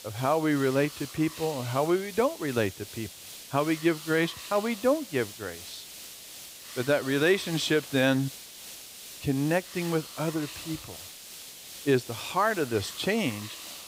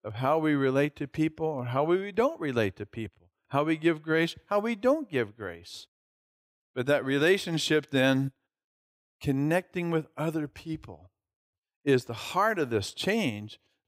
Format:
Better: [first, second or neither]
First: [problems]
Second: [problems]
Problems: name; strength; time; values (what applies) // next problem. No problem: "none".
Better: second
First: hiss; noticeable; throughout; 15 dB below the speech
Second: none